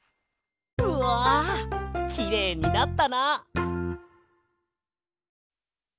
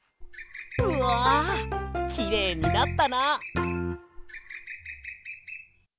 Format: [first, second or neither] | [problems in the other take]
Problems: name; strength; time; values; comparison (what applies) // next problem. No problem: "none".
first | background sound (Bird); 14 dB below the speech